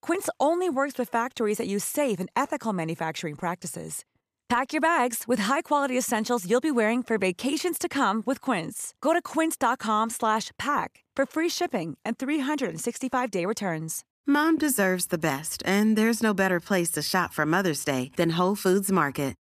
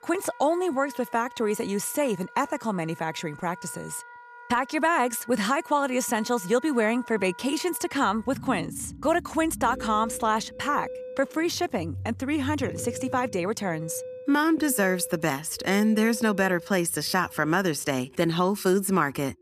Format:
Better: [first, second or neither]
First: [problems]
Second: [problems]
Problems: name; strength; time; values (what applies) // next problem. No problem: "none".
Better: first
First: none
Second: background music; noticeable; throughout; 15 dB below the speech